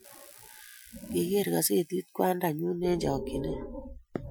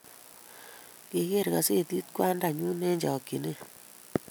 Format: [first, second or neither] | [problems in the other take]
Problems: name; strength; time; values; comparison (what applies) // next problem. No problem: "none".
second | noise reduction (classical method Wiener filter)